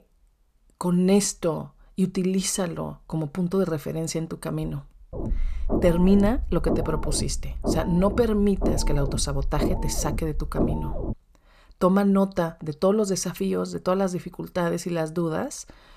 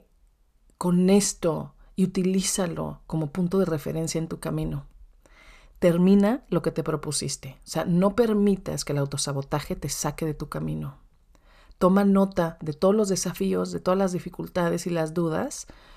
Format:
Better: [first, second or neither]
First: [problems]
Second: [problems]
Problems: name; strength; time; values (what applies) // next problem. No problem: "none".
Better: second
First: low rumble; loud; from 5 to 11 s; 7 dB below the speech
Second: none